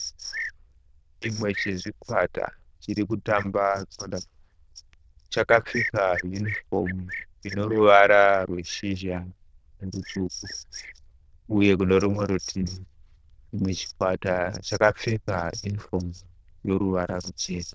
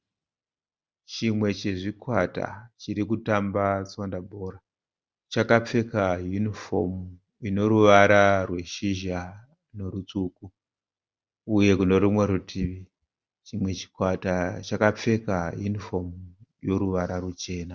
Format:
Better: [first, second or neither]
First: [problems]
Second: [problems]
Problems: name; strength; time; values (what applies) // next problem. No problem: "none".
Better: second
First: noise reduction (neural diffusion model UNIVERSE++)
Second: none